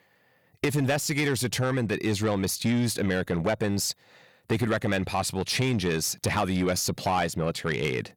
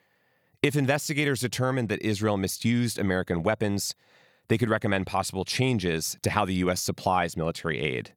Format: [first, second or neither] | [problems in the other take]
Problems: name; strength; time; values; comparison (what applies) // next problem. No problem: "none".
second | distortion; slight; 10 dB below the speech